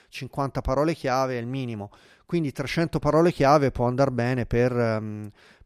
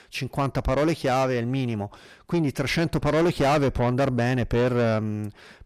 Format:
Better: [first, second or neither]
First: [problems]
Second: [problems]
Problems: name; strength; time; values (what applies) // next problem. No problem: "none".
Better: first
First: none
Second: distortion; heavy; 7 dB below the speech